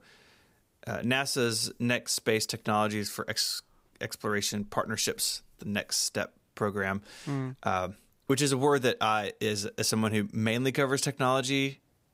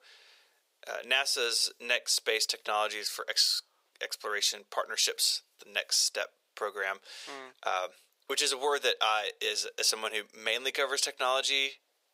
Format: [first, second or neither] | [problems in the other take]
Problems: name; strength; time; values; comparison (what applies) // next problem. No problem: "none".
first | thin; very; fading below 500 Hz